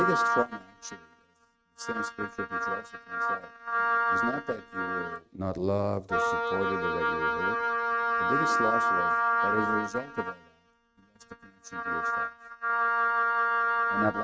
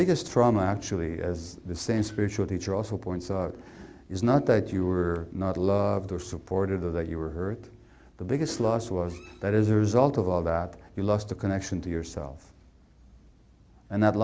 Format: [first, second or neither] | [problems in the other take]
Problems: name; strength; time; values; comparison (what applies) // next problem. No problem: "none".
second | noise reduction (neural mask model RNNoise)